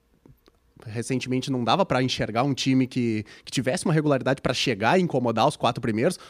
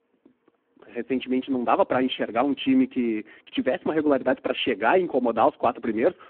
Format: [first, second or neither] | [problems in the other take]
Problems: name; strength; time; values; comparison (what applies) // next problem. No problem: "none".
first | phone-call audio; poor line; nothing above 3 kHz